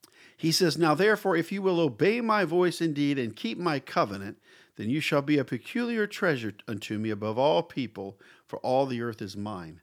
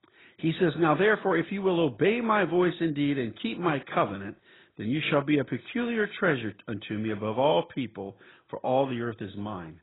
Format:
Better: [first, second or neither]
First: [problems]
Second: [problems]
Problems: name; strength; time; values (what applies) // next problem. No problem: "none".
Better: first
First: none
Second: garbled, watery; badly; nothing above 4 kHz